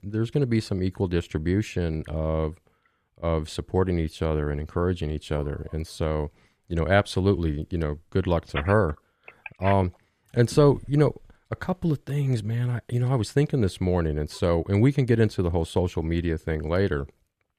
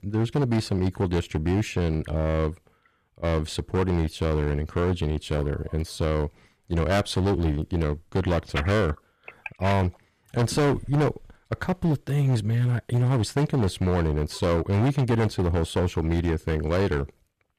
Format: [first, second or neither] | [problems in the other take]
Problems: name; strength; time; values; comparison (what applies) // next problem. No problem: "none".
first | distortion; heavy; 13% of the sound clipped